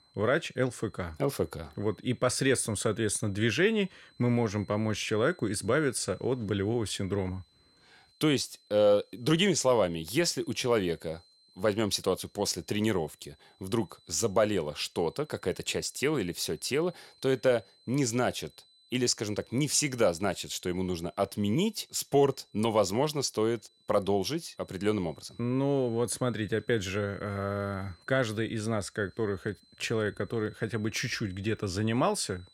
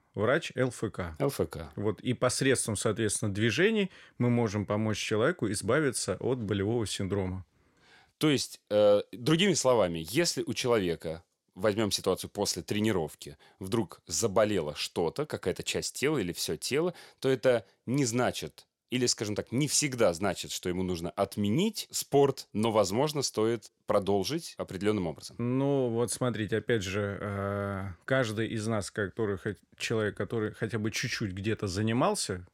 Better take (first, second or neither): second